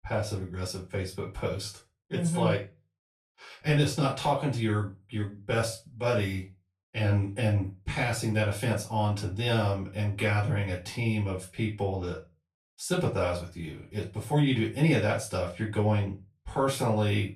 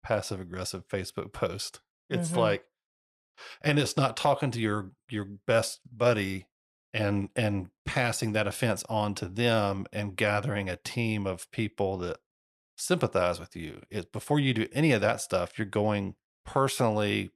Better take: second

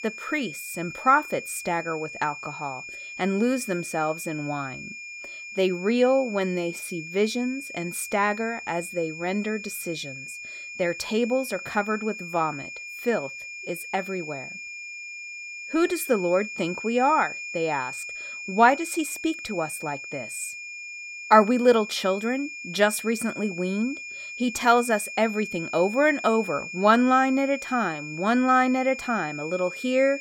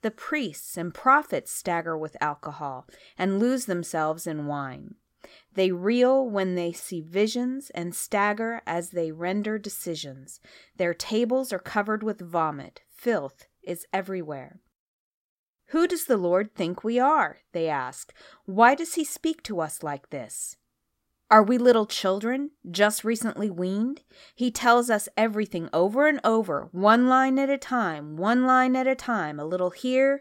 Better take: second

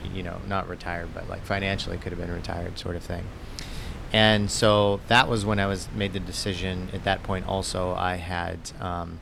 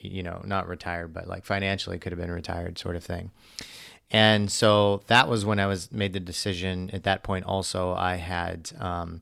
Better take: second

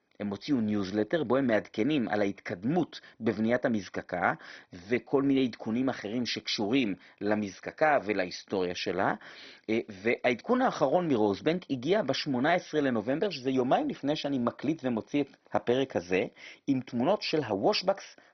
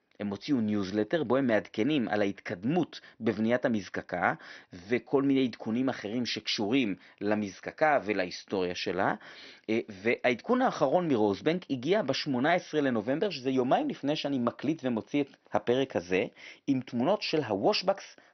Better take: second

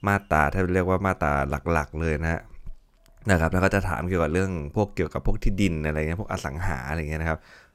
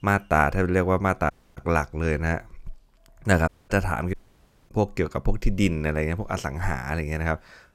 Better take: first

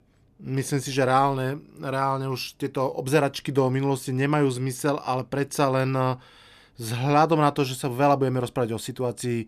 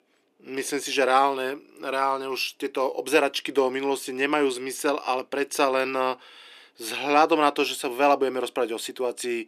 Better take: first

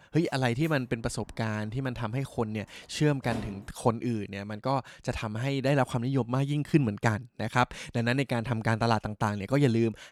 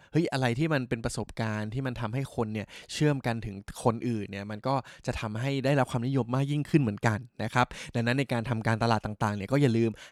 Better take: second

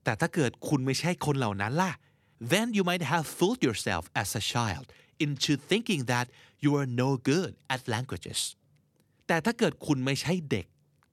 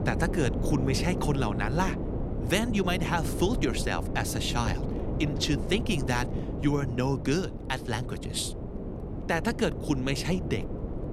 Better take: first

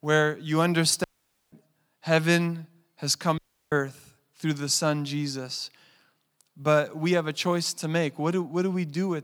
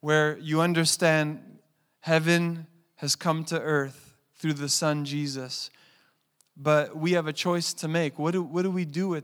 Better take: second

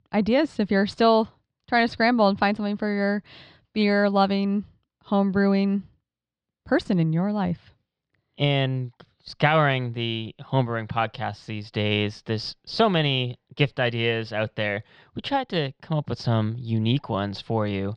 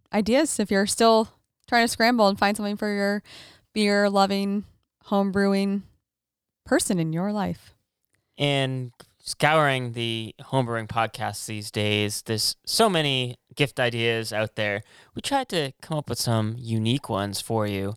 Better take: second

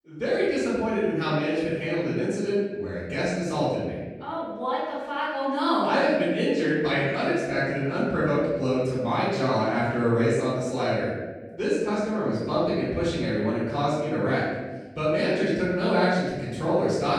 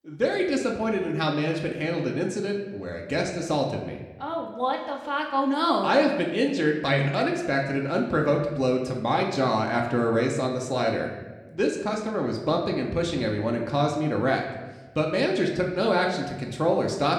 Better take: second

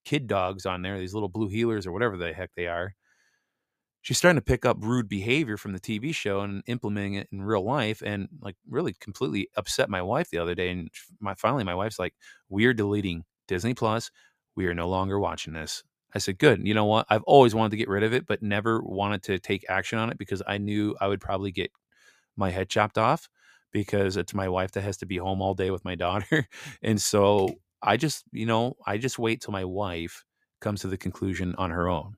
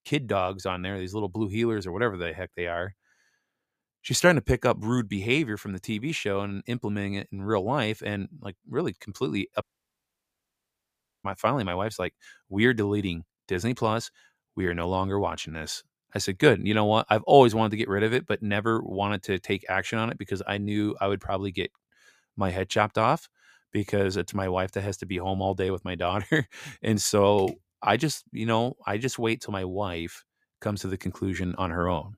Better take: first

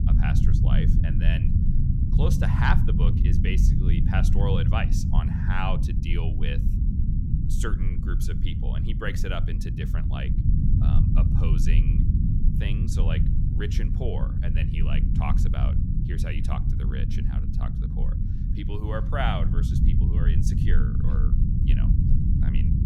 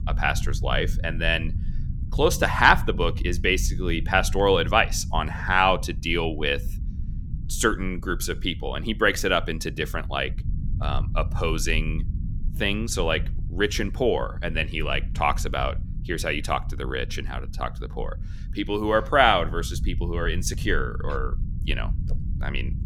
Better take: second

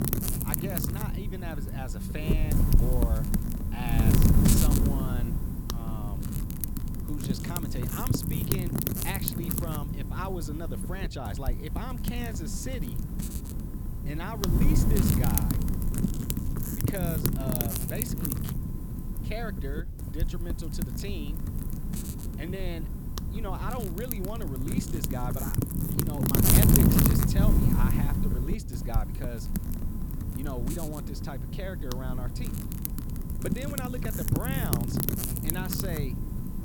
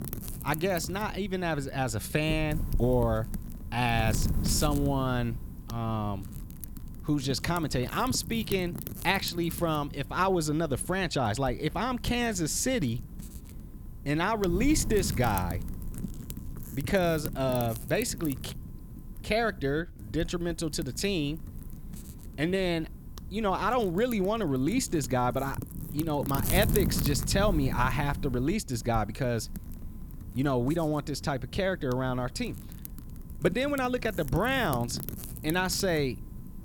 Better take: second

